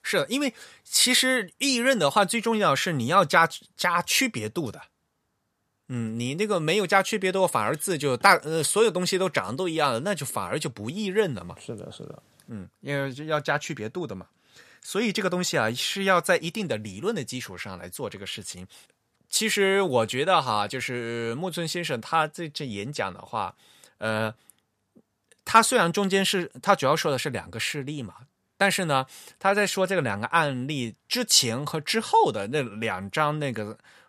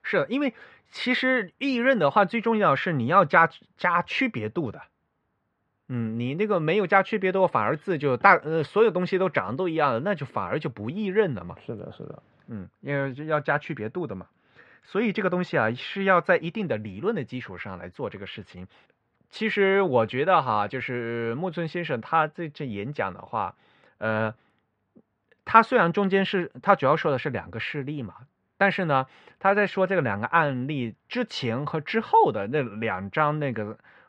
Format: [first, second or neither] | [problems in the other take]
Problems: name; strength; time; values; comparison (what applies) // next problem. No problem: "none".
first | muffled; very; fading above 2.5 kHz